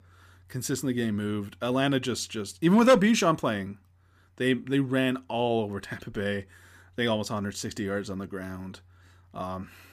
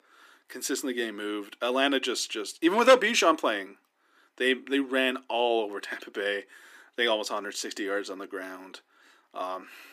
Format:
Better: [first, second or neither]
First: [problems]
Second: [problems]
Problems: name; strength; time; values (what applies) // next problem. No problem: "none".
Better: first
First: none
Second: thin; somewhat; fading below 300 Hz